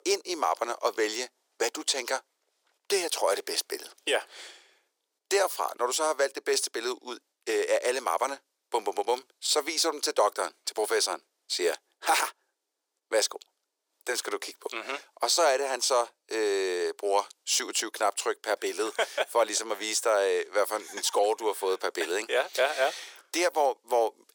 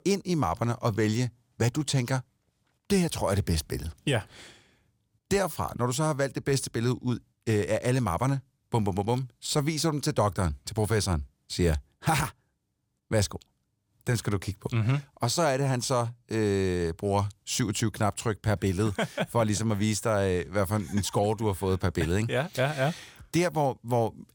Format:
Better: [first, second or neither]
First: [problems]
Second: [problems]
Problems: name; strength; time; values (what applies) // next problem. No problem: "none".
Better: second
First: thin; very; fading below 400 Hz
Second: none